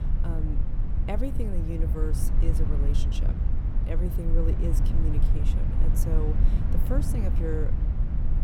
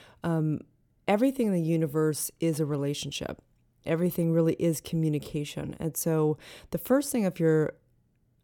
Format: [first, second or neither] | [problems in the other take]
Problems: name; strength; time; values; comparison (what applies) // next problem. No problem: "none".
second | low rumble; loud; throughout; 3 dB below the speech